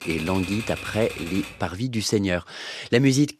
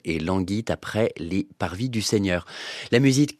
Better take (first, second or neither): second